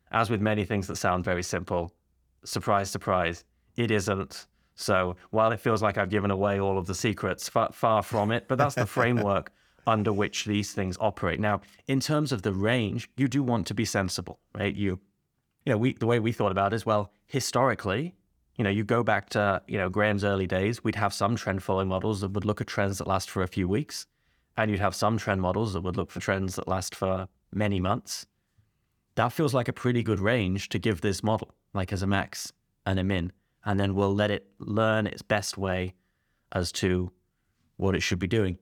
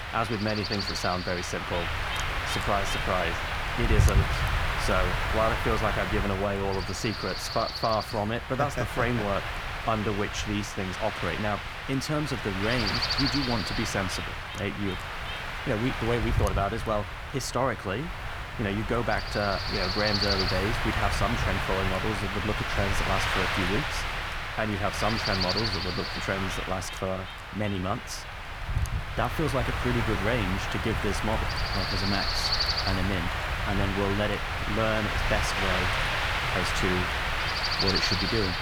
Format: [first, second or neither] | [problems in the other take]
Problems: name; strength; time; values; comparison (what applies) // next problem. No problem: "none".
first | wind noise on the microphone; heavy; 2 dB above the speech